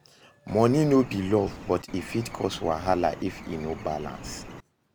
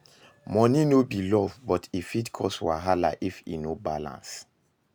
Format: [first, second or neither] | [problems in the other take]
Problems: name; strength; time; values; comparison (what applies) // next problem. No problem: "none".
second | background sound (Bird); 14 dB below the speech